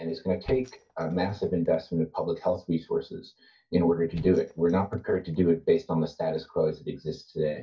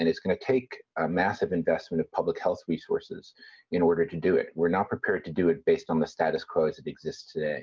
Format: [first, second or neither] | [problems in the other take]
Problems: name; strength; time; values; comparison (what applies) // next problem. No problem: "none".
second | noise reduction (neural mask model DeepFilterNet 3)